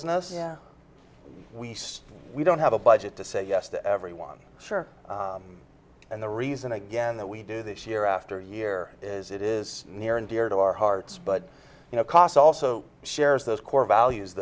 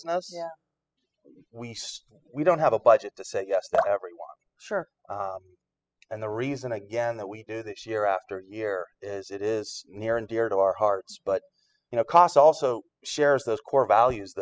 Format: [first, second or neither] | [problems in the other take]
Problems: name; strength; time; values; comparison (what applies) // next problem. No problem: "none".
first | noise reduction (classical method spectral subtraction)